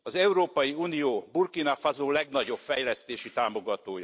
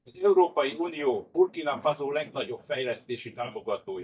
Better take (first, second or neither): first